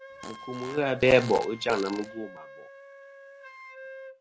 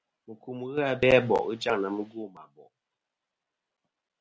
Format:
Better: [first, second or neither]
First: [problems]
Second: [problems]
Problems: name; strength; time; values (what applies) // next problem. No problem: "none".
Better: second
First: background sound (Wind instrument, woodwind instrument + Fart); 14 dB below the speech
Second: none